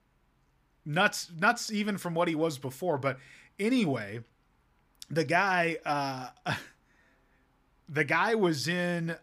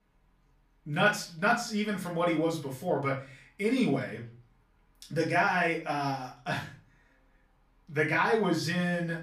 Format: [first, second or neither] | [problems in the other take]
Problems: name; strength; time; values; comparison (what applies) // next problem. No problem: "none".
first | off-mic speech; far // room echo; slight; dies away in 0.3 s